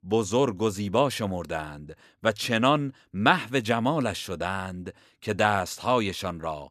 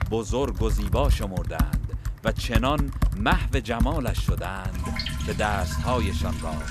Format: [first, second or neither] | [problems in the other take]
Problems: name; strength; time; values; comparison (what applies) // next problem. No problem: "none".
first | household noises; very loud; throughout; as loud as the speech